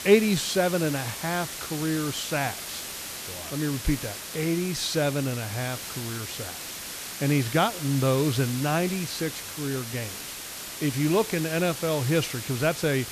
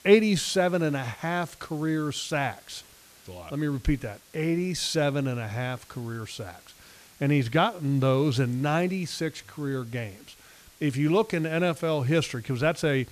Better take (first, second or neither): second